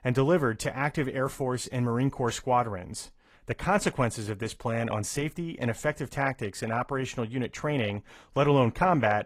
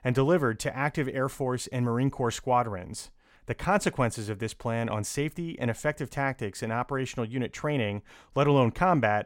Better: second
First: garbled, watery; slightly; nothing above 14.5 kHz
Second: none

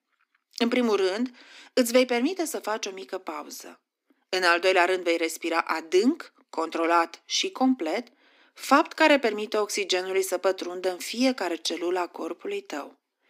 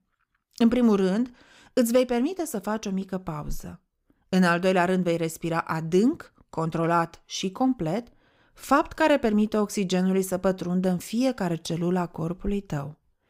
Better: second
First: thin; very slightly; fading below 250 Hz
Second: none

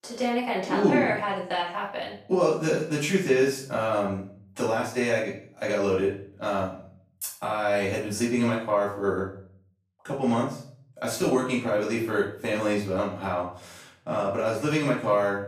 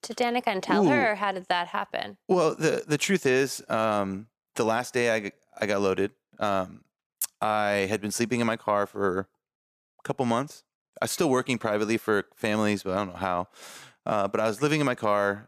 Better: second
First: room echo; noticeable; dies away in 0.5 s // off-mic speech; far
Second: none

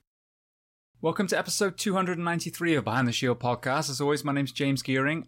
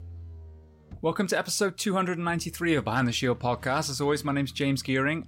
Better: first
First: none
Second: traffic noise; faint; throughout; 20 dB below the speech

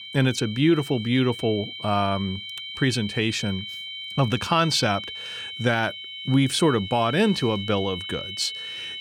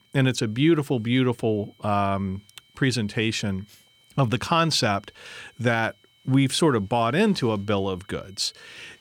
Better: second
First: high-pitched whine; loud; throughout; 3 kHz, 9 dB below the speech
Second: high-pitched whine; faint; throughout; 3 kHz, 35 dB below the speech

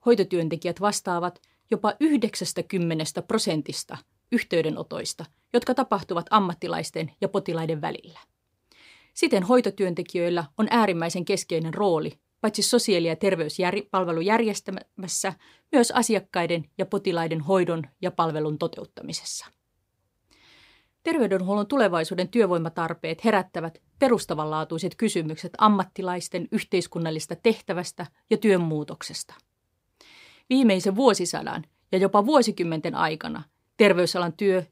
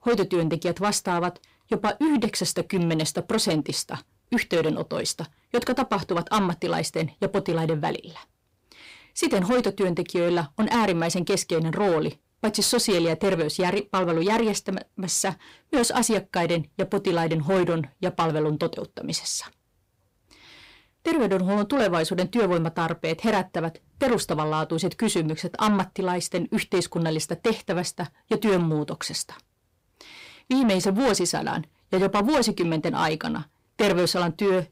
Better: first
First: none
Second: distortion; heavy; 7 dB below the speech

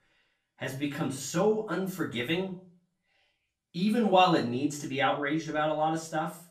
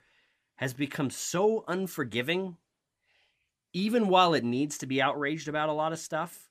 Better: second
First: room echo; slight; dies away in 0.3 s // off-mic speech; far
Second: none

